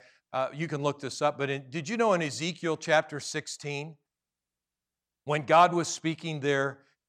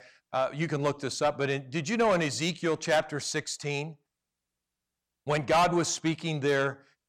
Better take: first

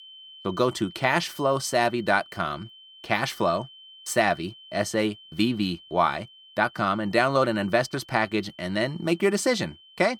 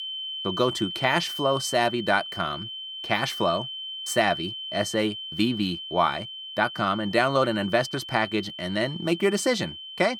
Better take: first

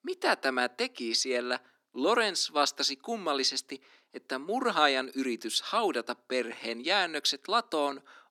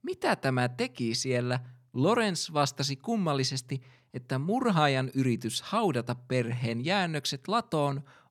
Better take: second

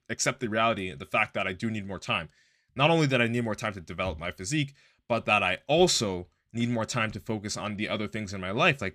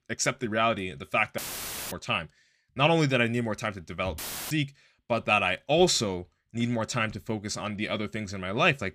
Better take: first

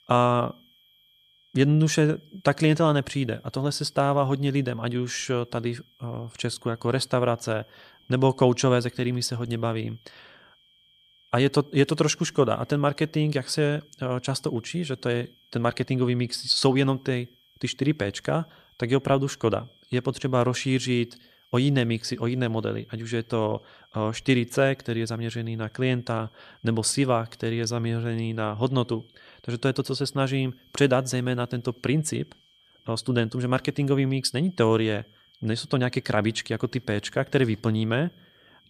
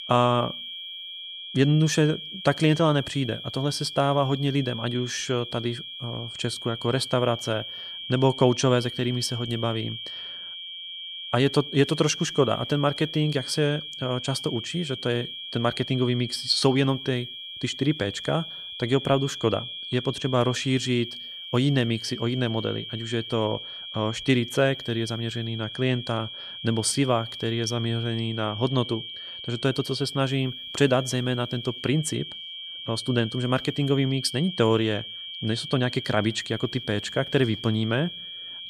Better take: first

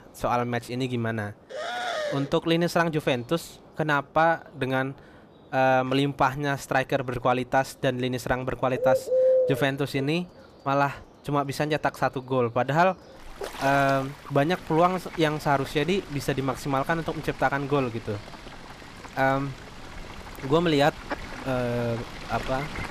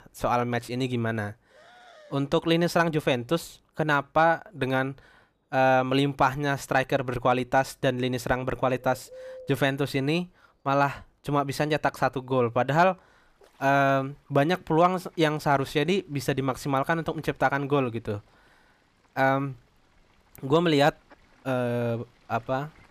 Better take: second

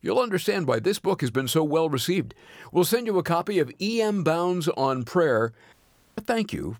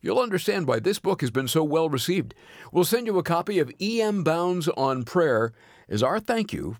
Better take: second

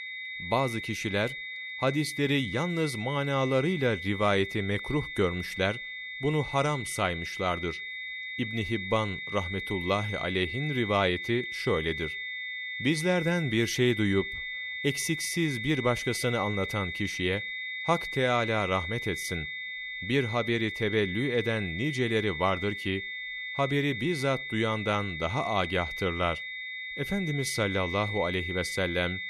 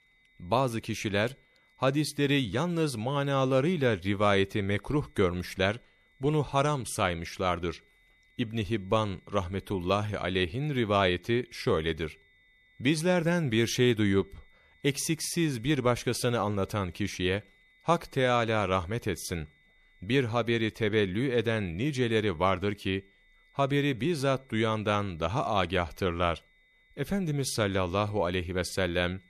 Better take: second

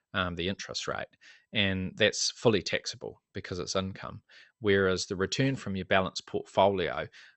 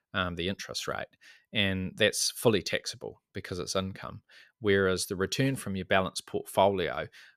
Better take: second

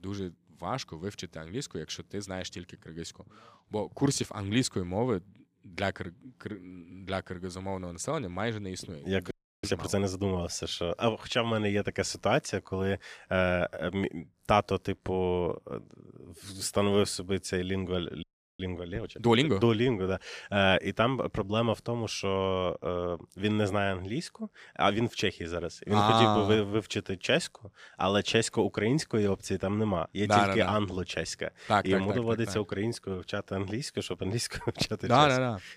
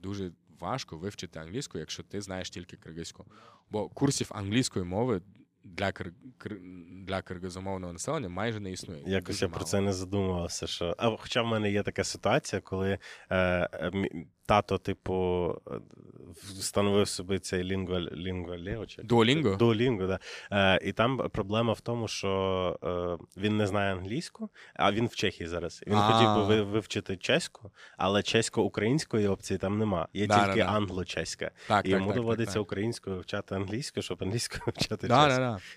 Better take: second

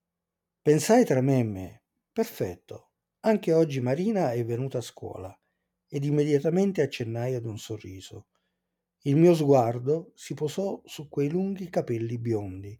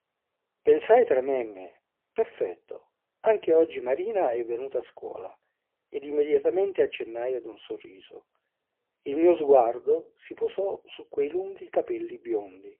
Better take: first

